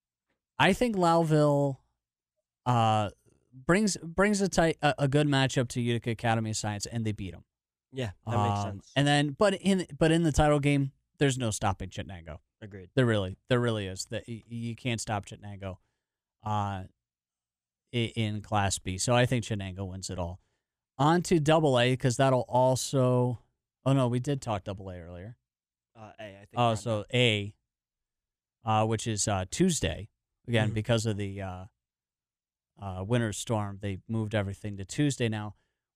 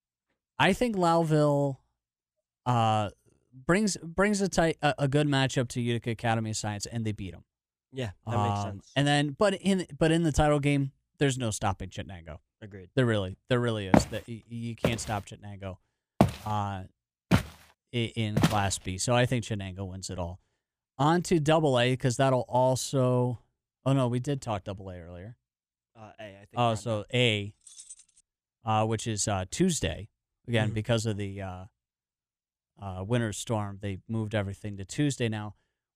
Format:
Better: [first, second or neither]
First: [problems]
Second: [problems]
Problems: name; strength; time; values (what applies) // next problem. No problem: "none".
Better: first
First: none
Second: footsteps; loud; from 14 to 18 s; peak 3 dB above the speech // jangling keys; faint; at 28 s; peak 15 dB below the speech